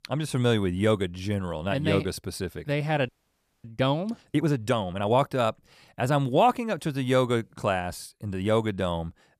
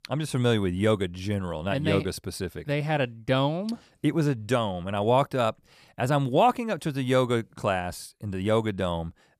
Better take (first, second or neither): second